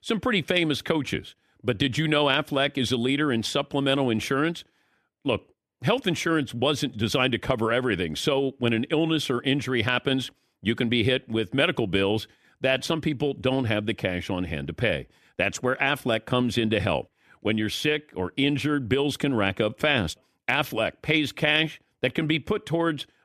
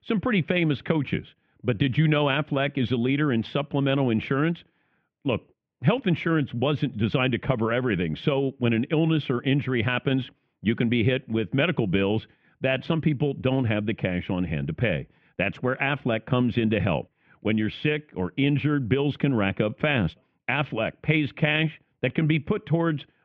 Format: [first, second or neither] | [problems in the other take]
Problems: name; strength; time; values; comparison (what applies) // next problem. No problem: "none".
first | muffled; very; fading above 2.5 kHz